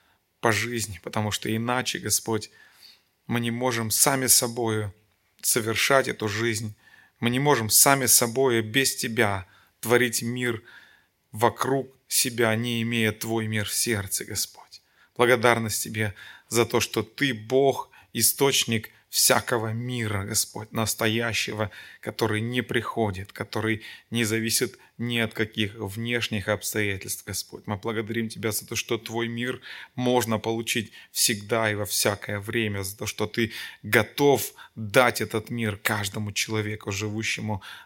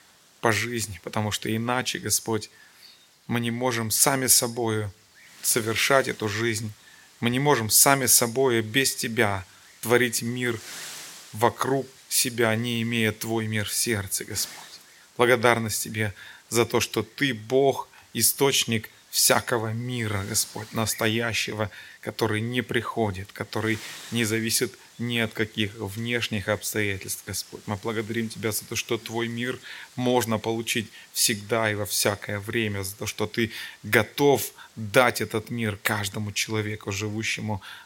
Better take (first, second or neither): first